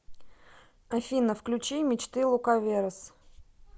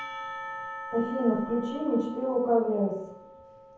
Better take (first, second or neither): first